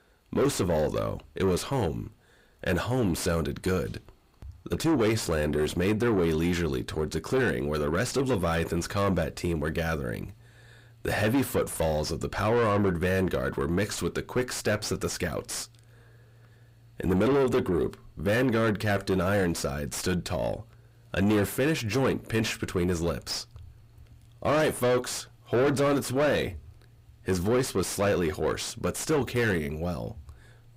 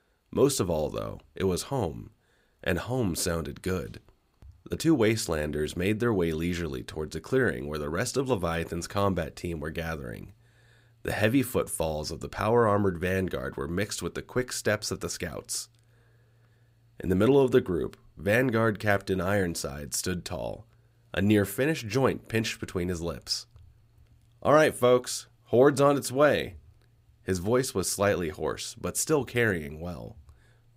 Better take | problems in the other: second | distortion; heavy; 6 dB below the speech

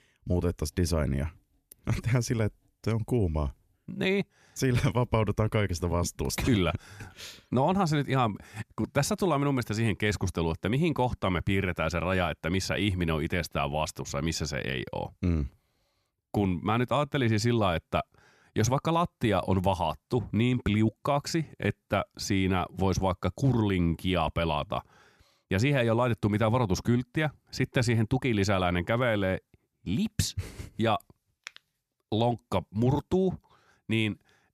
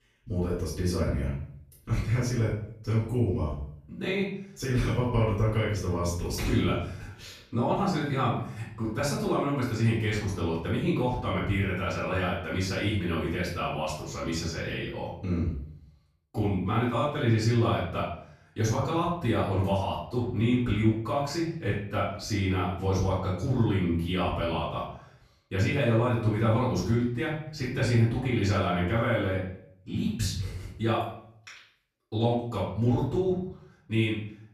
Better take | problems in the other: first | room echo; noticeable; dies away in 0.5 s // off-mic speech; far

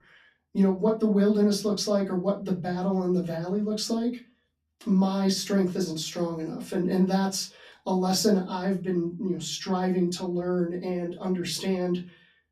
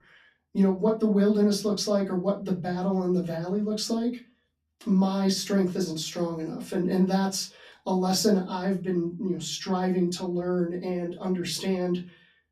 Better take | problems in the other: neither | off-mic speech; far; the same in both // room echo; very slight; dies away in 0.2 s; the same in both

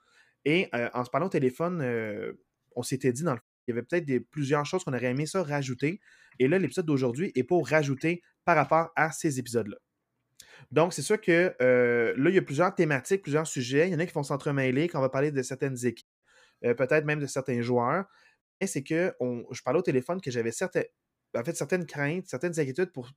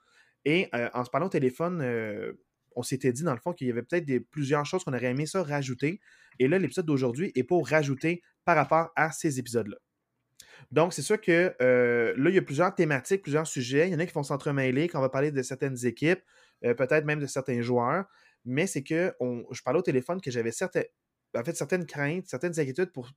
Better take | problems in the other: second | audio cutting out; at 3.5 s, at 16 s and at 18 s

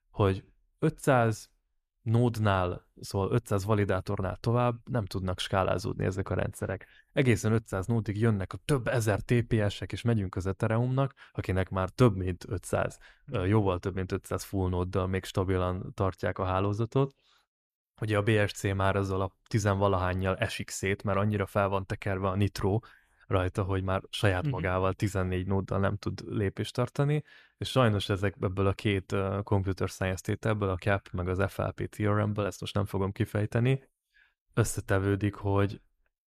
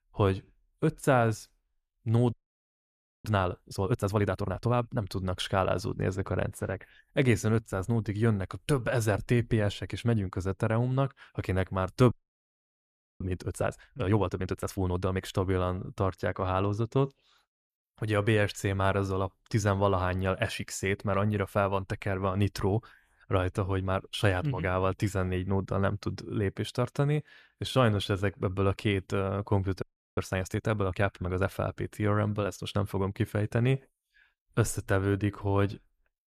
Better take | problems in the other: first | audio freezing; at 2.5 s for 1 s, at 12 s for 1 s and at 30 s

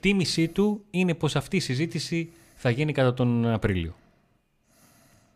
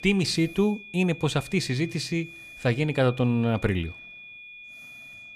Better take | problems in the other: first | high-pitched whine; noticeable; throughout; 2.5 kHz, 15 dB below the speech

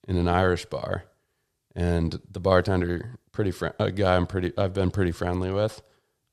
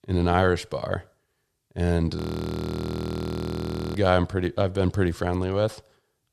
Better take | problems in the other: first | audio freezing; at 2 s for 2 s

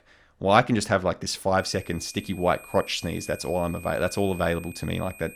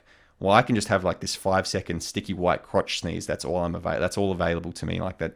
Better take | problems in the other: second | high-pitched whine; noticeable; from 1.5 s on; 2.5 kHz, 20 dB below the speech

